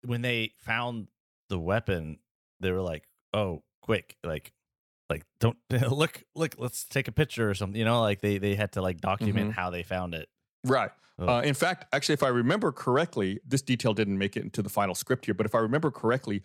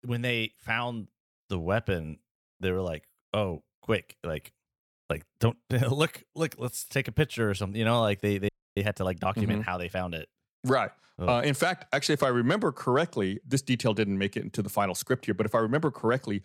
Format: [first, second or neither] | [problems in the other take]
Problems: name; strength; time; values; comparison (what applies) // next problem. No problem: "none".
first | audio freezing; at 8.5 s